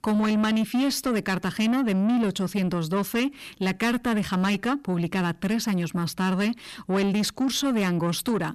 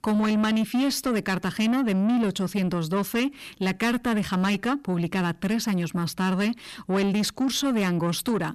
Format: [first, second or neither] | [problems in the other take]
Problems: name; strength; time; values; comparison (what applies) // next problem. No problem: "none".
neither | distortion; slight; 10 dB below the speech; the same in both